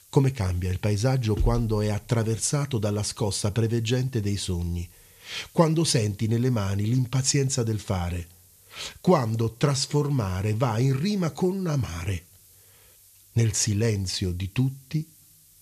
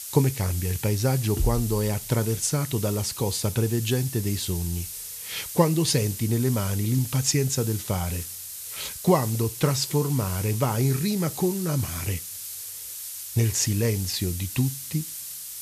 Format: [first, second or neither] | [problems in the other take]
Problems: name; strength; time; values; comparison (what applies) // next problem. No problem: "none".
first | hiss; loud; throughout; 8 dB below the speech; faint in the first